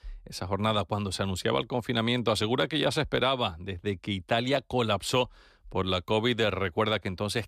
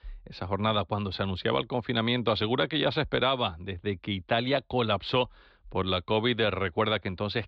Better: first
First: none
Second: muffled; very slightly; fading above 4 kHz

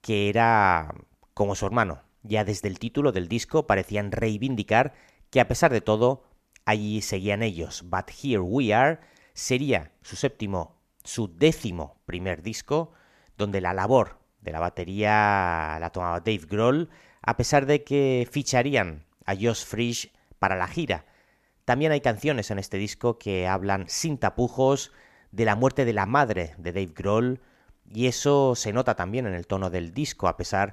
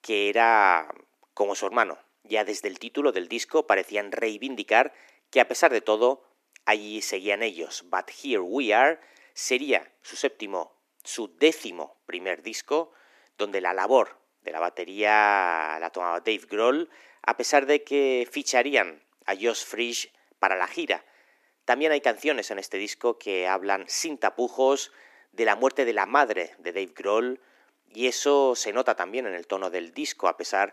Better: first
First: none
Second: thin; somewhat; fading below 300 Hz

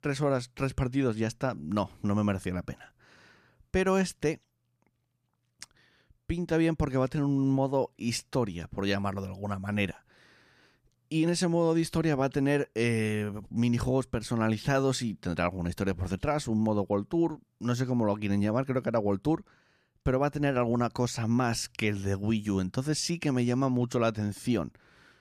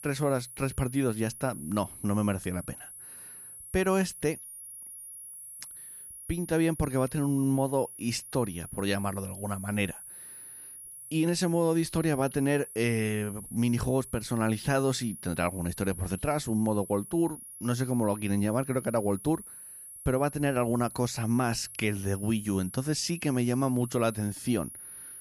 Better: first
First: none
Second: high-pitched whine; noticeable; throughout; 10 kHz, 15 dB below the speech

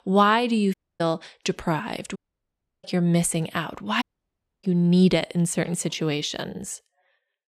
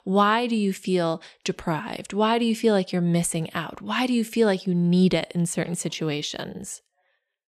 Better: second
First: audio cutting out; at 0.5 s, at 2 s for 0.5 s and at 4 s for 0.5 s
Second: none

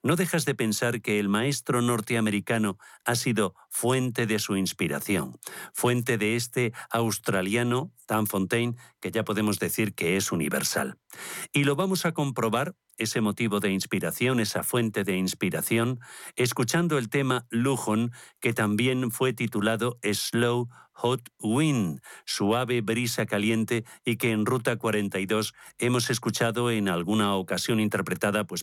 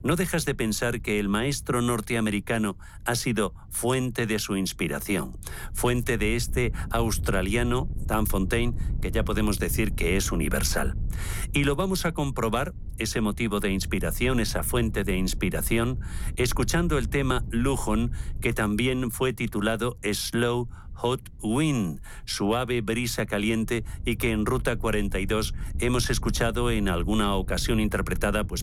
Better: first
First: none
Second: wind noise on the microphone; occasional gusts; 20 dB below the speech

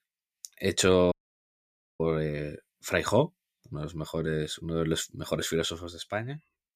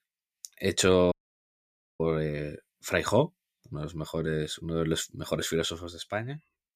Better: neither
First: audio cutting out; at 1 s for 1 s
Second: audio cutting out; at 1 s for 1 s

